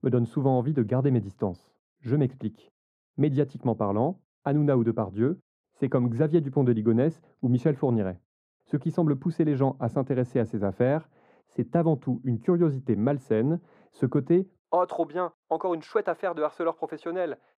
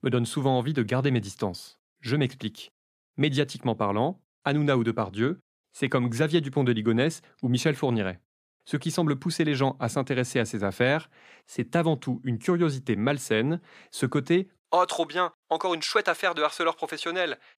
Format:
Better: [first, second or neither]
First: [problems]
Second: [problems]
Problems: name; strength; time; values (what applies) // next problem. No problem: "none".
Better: second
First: muffled; very; fading above 1.5 kHz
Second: none